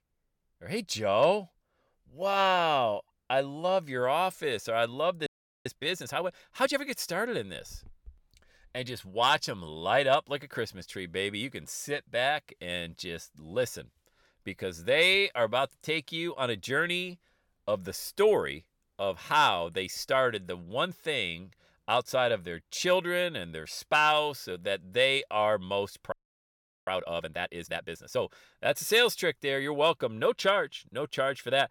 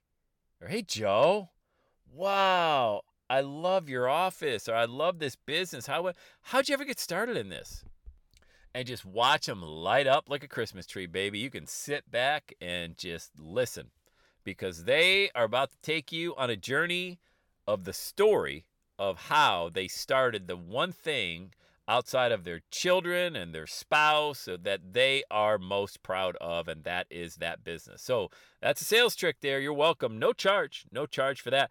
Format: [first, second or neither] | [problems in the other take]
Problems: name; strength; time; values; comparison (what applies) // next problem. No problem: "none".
second | audio freezing; at 5.5 s and at 26 s for 1 s